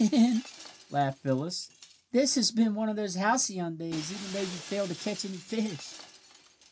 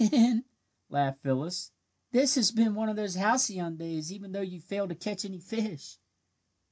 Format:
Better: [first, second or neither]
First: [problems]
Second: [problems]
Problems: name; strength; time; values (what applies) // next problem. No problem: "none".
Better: second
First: background sound (Shatter); 18 dB below the speech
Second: none